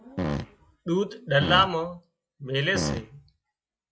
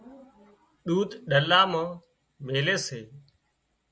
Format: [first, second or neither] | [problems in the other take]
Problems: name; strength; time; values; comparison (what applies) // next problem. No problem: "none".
second | noise reduction (classical method log-MMSE)